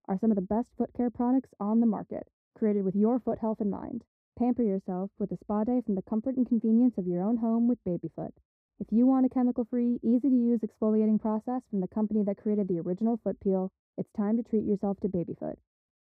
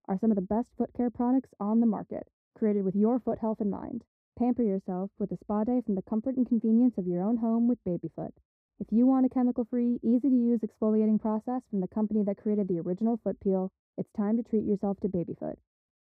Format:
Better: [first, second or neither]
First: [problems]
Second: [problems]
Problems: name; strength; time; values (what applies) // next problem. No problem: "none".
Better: neither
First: muffled; very; fading above 1 kHz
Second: muffled; very; fading above 1 kHz